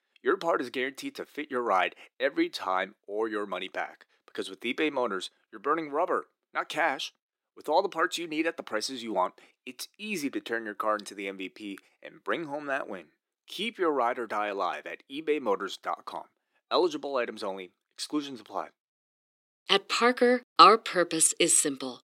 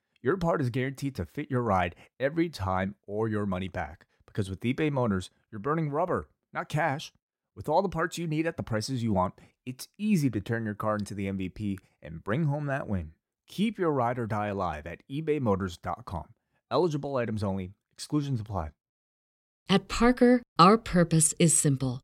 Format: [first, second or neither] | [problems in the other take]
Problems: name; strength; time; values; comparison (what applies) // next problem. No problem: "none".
second | thin; somewhat; fading below 300 Hz